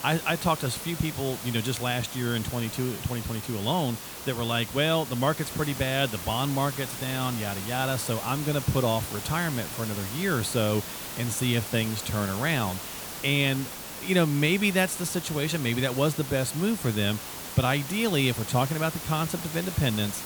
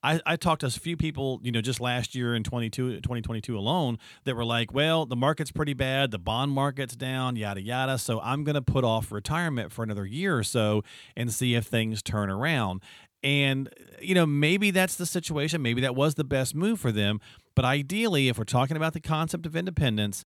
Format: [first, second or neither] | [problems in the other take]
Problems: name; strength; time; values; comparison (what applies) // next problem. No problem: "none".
second | hiss; loud; throughout; 8 dB below the speech